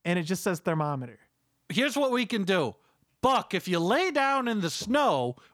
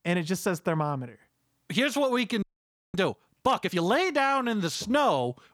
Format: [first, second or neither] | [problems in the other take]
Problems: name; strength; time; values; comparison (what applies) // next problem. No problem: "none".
first | audio freezing; at 2.5 s for 0.5 s